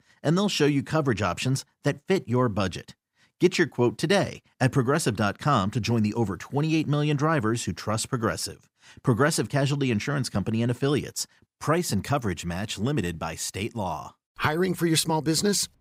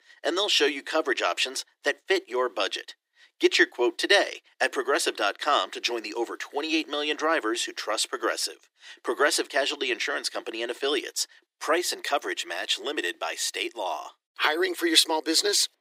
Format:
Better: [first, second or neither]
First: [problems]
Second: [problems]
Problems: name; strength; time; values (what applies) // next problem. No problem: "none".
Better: first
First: none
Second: thin; very; fading below 350 Hz